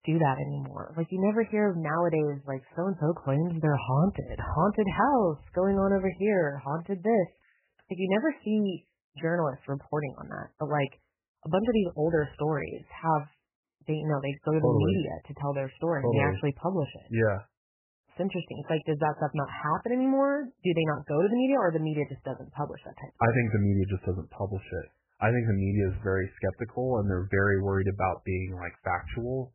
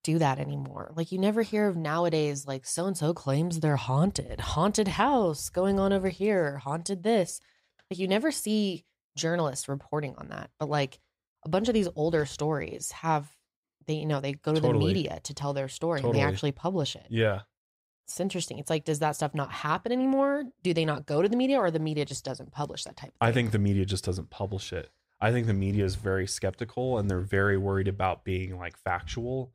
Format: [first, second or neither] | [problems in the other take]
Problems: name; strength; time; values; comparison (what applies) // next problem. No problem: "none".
second | garbled, watery; badly; nothing above 3 kHz